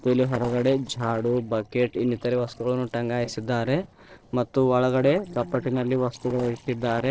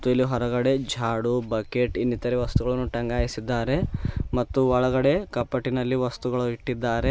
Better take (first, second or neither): second